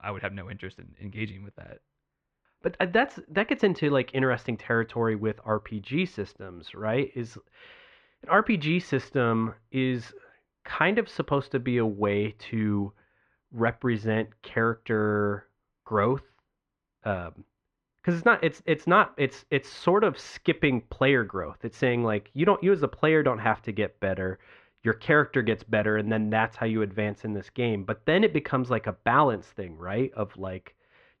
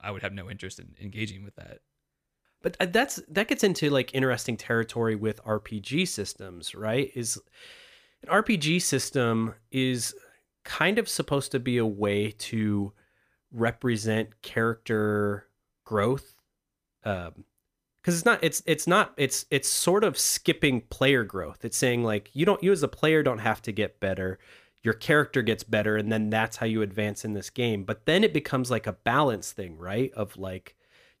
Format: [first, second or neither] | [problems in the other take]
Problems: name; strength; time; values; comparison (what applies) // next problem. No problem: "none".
second | muffled; very; fading above 3 kHz